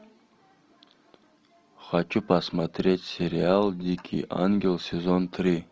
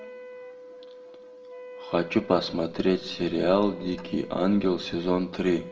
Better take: first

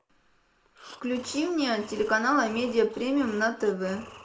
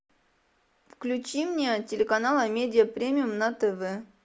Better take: second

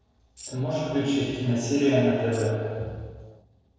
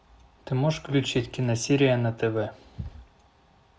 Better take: second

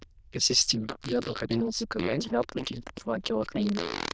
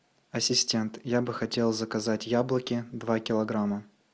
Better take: second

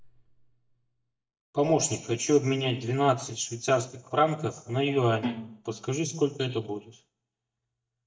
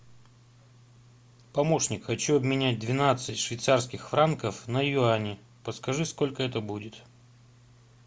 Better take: second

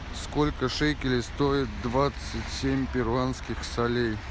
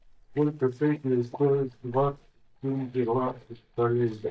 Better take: first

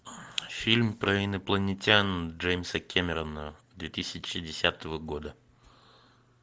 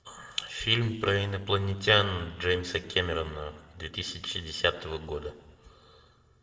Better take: first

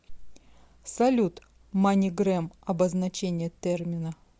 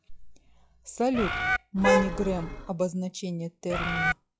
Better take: first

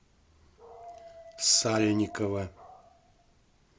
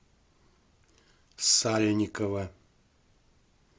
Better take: second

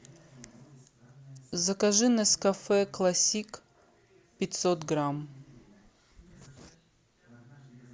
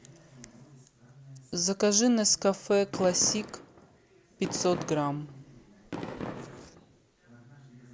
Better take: first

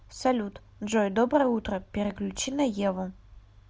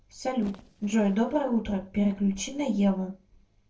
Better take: first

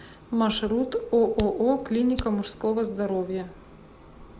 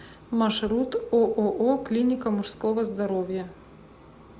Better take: second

